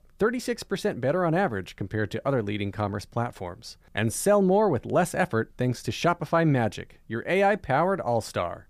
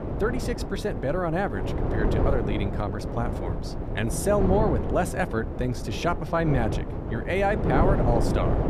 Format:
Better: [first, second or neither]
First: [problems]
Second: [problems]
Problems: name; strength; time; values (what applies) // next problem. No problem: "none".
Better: first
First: none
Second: wind noise on the microphone; heavy; 5 dB below the speech